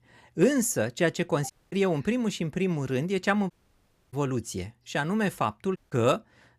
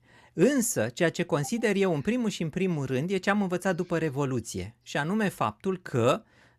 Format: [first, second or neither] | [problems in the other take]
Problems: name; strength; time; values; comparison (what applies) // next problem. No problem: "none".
second | audio cutting out; at 1.5 s, at 3.5 s for 0.5 s and at 6 s